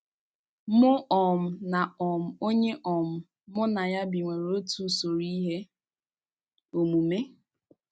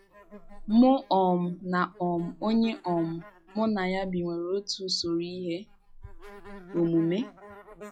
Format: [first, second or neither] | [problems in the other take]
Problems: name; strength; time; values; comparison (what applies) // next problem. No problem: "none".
first | noise reduction (classical method log-MMSE)